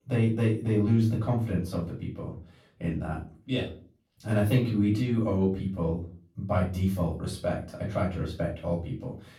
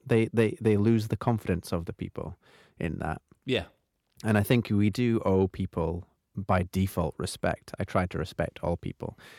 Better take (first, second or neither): second